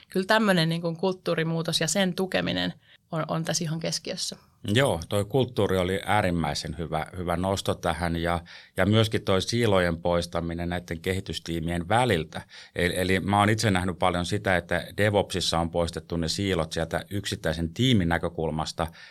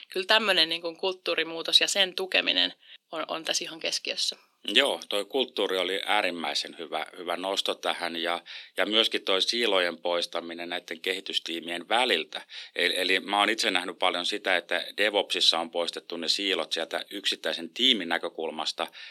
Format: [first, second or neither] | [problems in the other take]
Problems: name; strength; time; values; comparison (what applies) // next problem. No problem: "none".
first | thin; somewhat; fading below 250 Hz